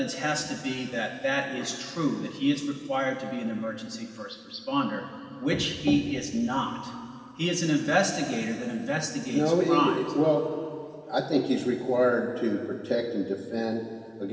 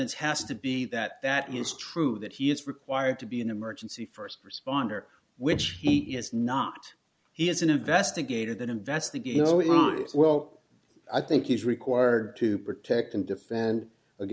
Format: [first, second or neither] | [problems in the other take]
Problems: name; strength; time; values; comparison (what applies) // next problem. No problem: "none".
second | room echo; dies away in 2.6 s